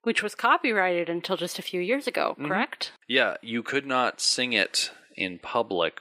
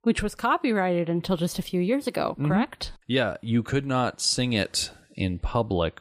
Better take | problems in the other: second | thin; somewhat; fading below 350 Hz

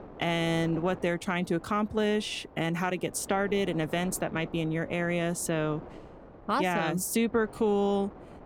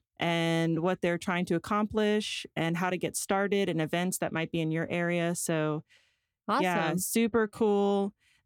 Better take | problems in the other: second | wind noise on the microphone; occasional gusts; 20 dB below the speech

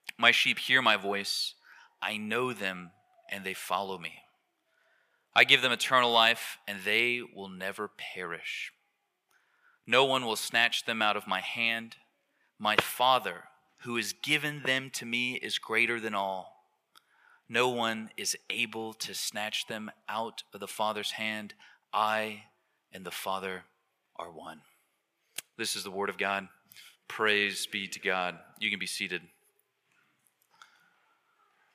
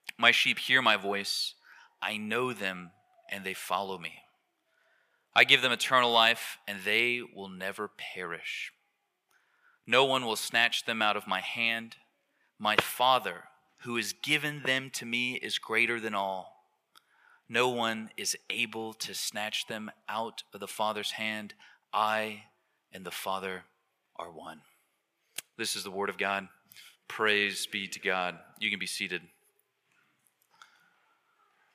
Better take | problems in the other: neither | thin; somewhat; fading below 450 Hz; the same in both

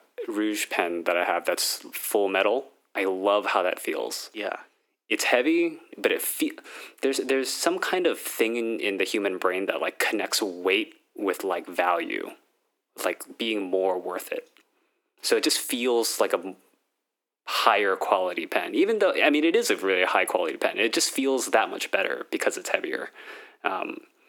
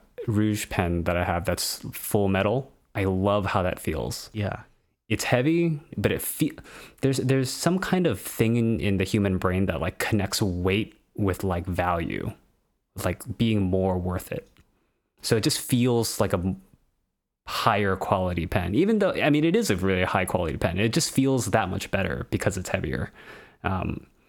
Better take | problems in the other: second | thin; somewhat; fading below 300 Hz

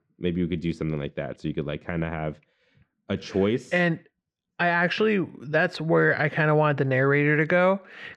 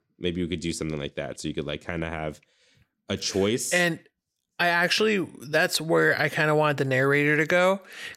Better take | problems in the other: second | muffled; slightly; fading above 2.5 kHz

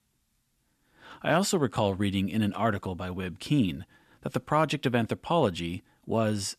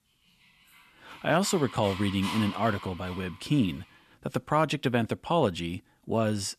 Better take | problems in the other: first | dog barking; noticeable; from 1 to 3.5 s; peak 7 dB below the speech

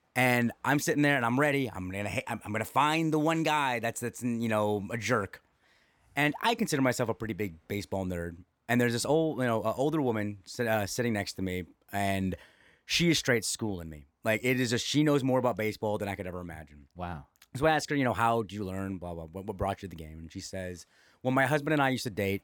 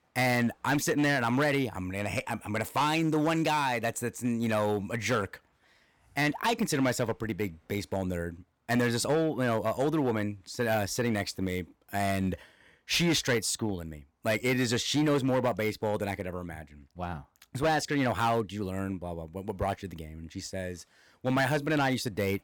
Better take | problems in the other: first | distortion; slight; 6% of the sound clipped

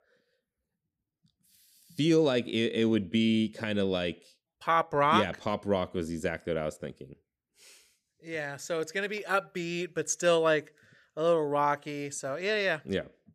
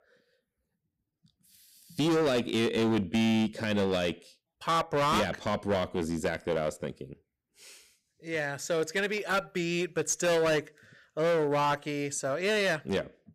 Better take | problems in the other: first | distortion; heavy; 12% of the sound clipped

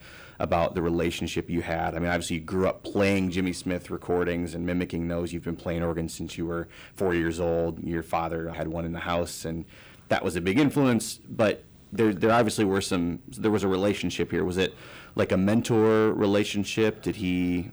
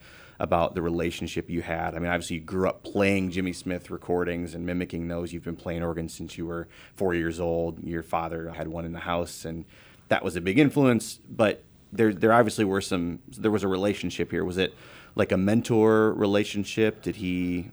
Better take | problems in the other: second | distortion; slight; 10 dB below the speech

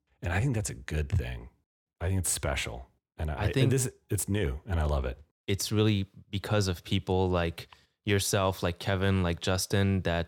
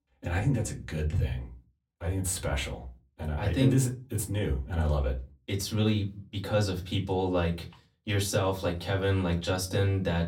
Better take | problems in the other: first | off-mic speech; far // room echo; very slight; dies away in 0.3 s

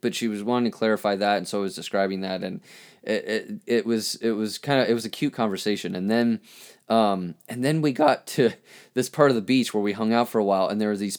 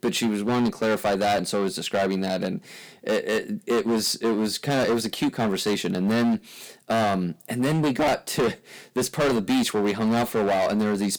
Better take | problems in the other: first | distortion; heavy; 17% of the sound clipped

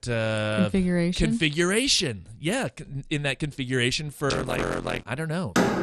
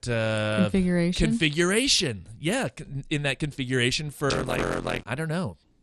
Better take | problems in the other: second | door banging; loud; at 5.5 s; peak 2 dB above the speech

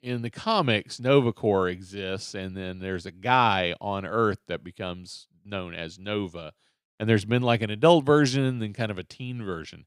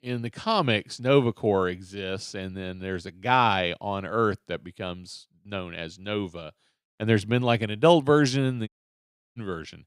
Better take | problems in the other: first | audio cutting out; at 8.5 s for 0.5 s

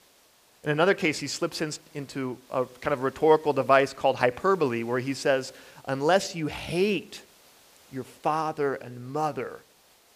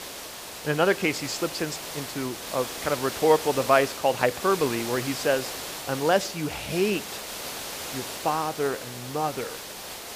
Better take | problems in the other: first | hiss; loud; throughout; 8 dB below the speech; faint in the first

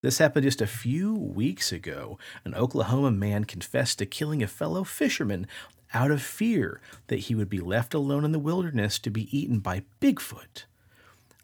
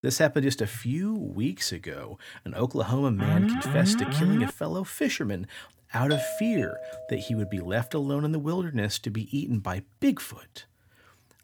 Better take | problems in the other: first | alarm; loud; from 3 to 4.5 s; peak 4 dB above the speech // doorbell; noticeable; from 6 to 7.5 s; peak 2 dB below the speech

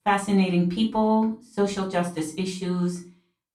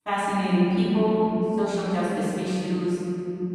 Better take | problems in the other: first | room echo; strong; dies away in 3 s; slight in the first // off-mic speech; far; far in the first

